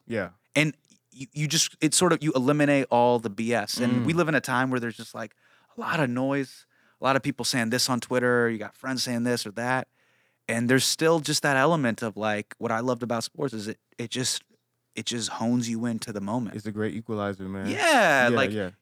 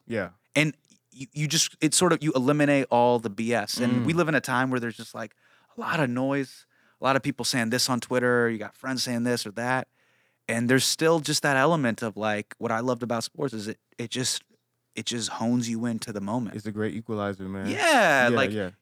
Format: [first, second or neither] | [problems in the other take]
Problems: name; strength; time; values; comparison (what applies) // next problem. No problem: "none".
neither | none